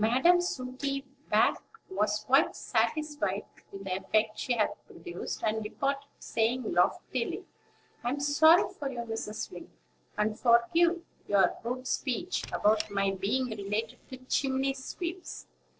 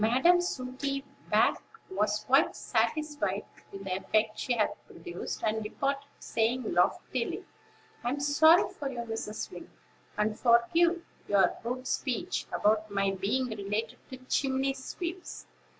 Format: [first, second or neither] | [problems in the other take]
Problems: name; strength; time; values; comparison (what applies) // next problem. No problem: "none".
second | noise reduction (neural separator model SepFormer DNS4)